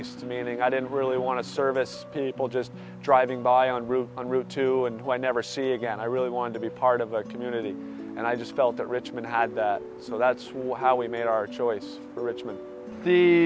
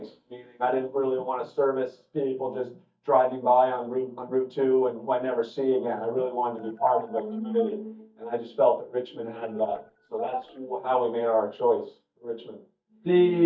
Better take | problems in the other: first | noise reduction (neural mask model DeepFilterNet 3)

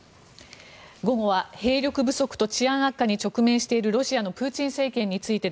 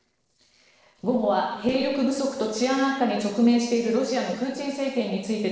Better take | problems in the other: first | noise reduction (neural separator model SepFormer DNS4)

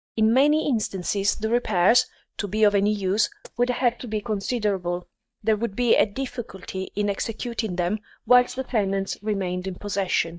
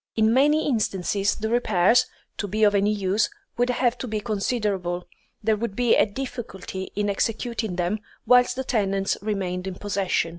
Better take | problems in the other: second | noise reduction (neural mask model DeepFilterNet 3)

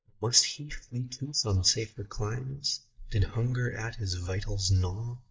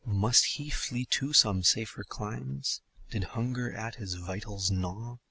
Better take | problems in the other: second | noise reduction (neural mask model DeepFilterNet 3)

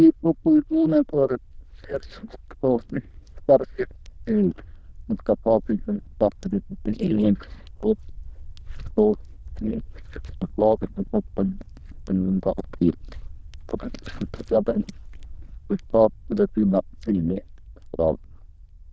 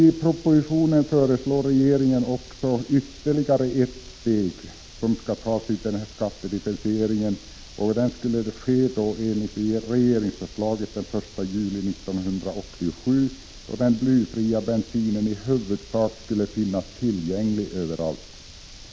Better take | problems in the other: second | noise reduction (neural diffusion model UNIVERSE++)

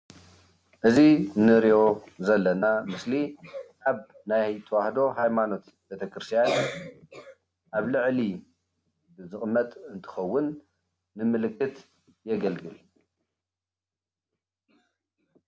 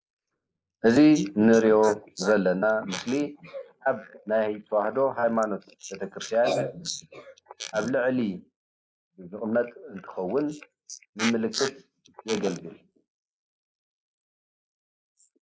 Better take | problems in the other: first | noise reduction (neural mask model Resemble Enhance denoiser)

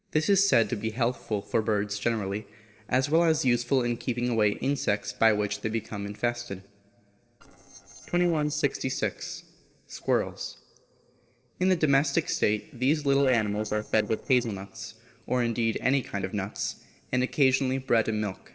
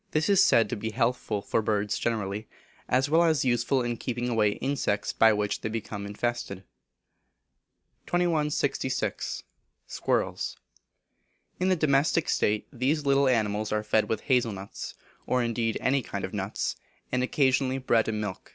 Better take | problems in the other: second | noise reduction (neural separator model SepFormer DNS4)

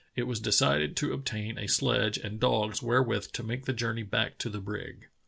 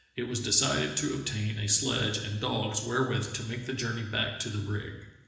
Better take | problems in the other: first | room echo; dies away in 1 s

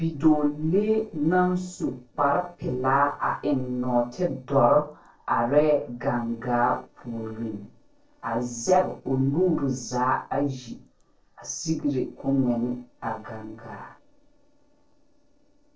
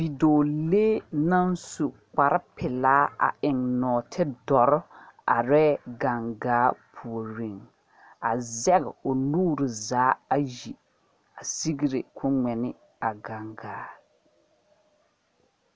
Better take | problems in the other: second | noise reduction (neural separator model SepFormer DNS4)

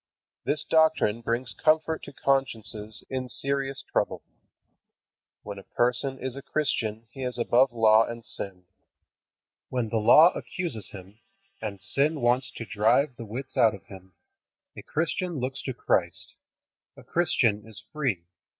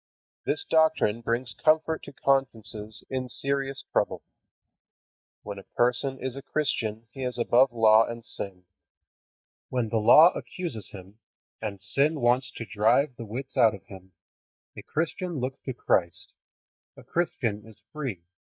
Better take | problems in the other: first | noise reduction (neural mask model DeepFilterNet 3)

